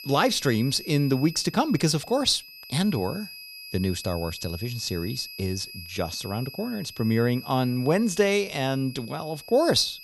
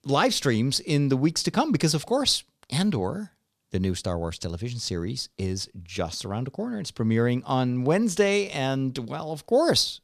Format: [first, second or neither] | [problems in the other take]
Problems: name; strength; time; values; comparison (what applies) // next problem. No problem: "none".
second | high-pitched whine; noticeable; throughout; 5 kHz, 15 dB below the speech